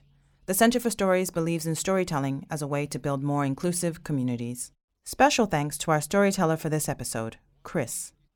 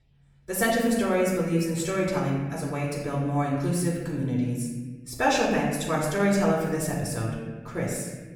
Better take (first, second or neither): first